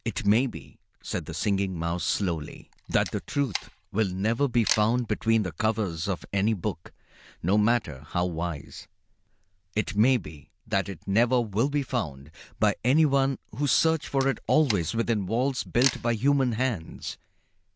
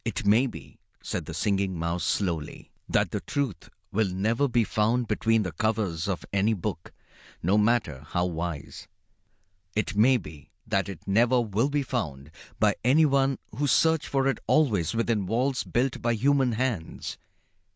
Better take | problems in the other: second | background sound (Camera); 12 dB below the speech

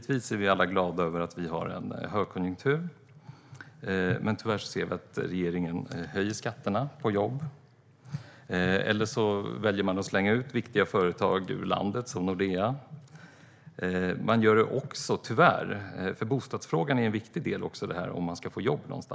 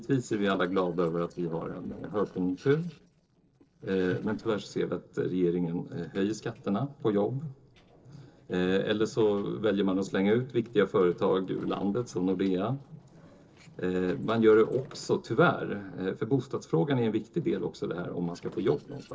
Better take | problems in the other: first | noise reduction (neural separator model SepFormer DNS4)

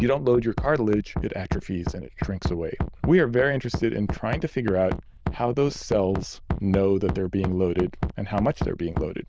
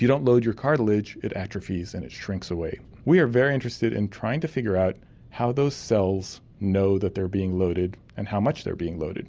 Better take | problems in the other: second | noise reduction (neural diffusion model UNIVERSE++)

